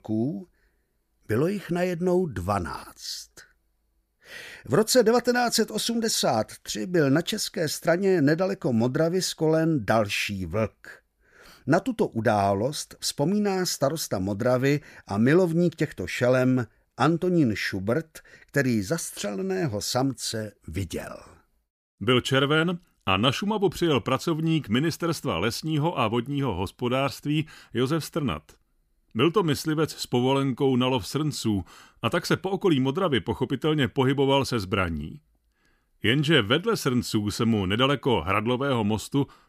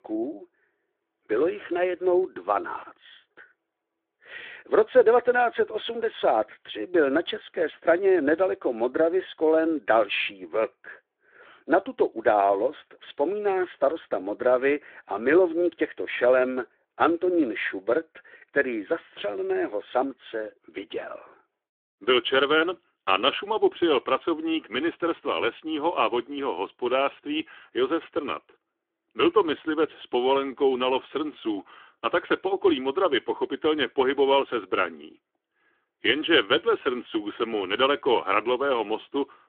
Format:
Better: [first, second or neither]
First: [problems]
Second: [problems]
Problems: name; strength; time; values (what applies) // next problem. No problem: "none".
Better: first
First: none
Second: phone-call audio